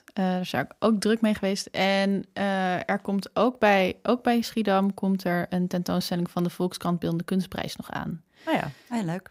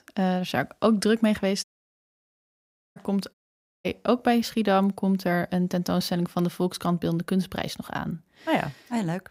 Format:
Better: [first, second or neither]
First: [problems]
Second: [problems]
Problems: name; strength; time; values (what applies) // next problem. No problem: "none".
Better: first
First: none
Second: audio cutting out; at 1.5 s for 1.5 s and at 3.5 s for 0.5 s